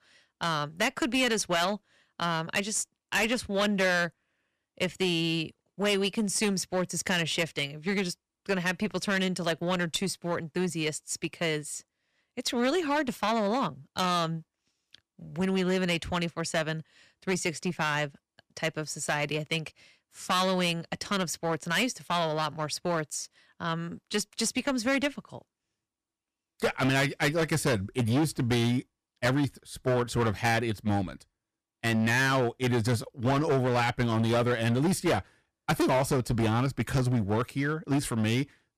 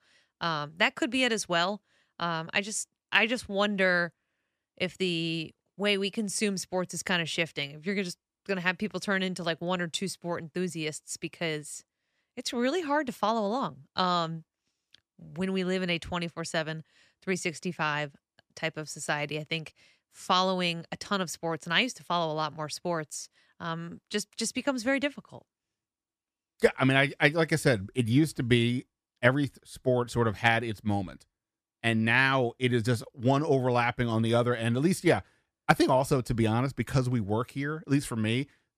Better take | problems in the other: second | distortion; heavy; 10% of the sound clipped

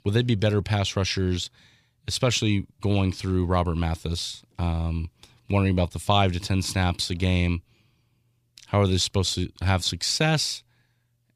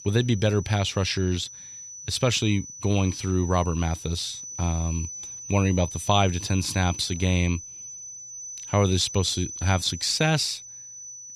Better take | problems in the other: first | high-pitched whine; noticeable; throughout; 6 kHz, 10 dB below the speech

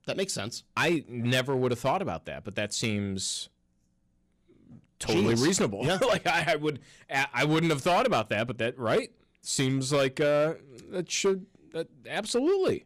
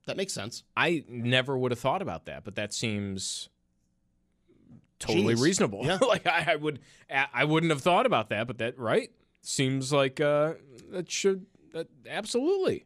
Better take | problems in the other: second | distortion; slight; 6% of the sound clipped

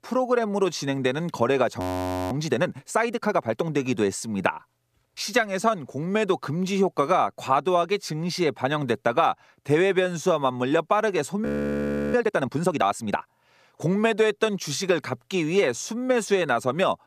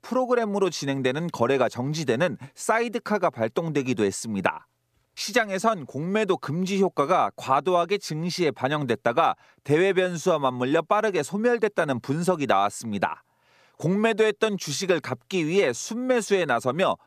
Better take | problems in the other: second | audio freezing; at 2 s and at 11 s for 0.5 s

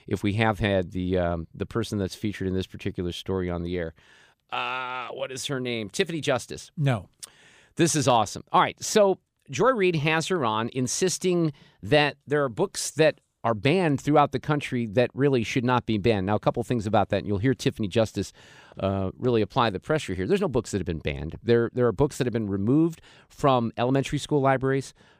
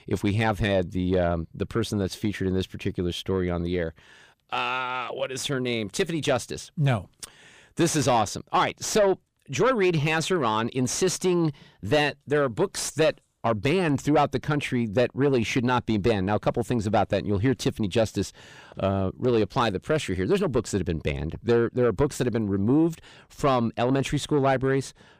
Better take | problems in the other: first | distortion; slight; 10 dB below the speech

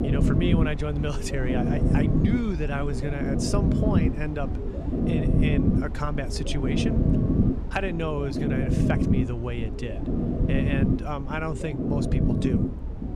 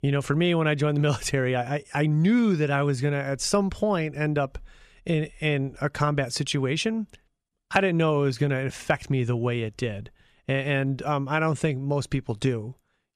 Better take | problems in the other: second | low rumble; loud; throughout; as loud as the speech

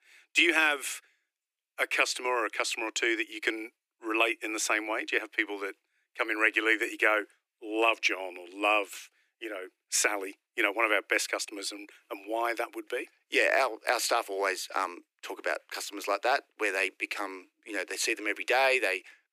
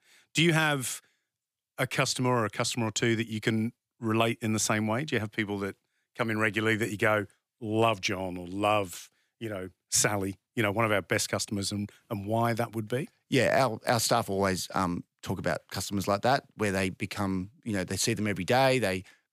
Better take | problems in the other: second | thin; very; fading below 300 Hz

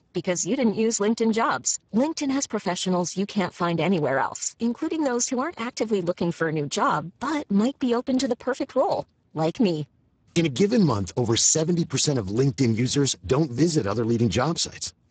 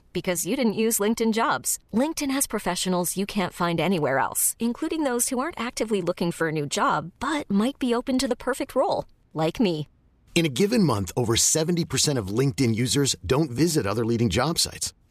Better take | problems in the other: second | garbled, watery; badly; nothing above 7.5 kHz

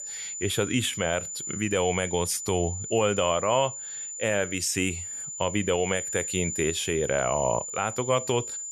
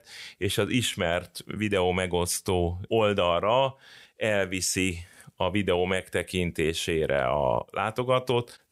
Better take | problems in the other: second | high-pitched whine; loud; throughout; 7 kHz, 6 dB below the speech

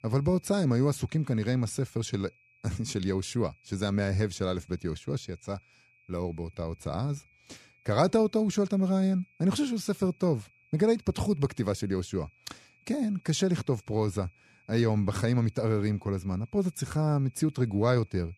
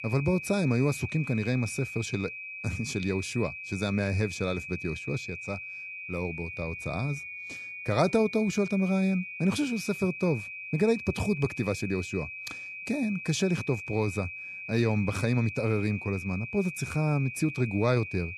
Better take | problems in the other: first | high-pitched whine; loud; throughout; 2.5 kHz, 8 dB below the speech; faint in the first

